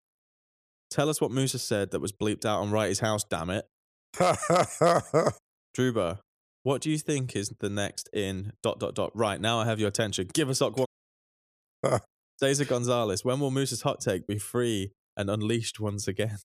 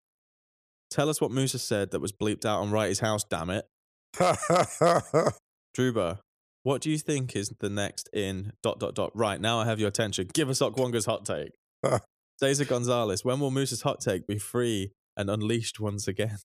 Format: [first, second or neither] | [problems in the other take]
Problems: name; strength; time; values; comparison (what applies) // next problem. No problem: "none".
second | audio cutting out; at 11 s for 0.5 s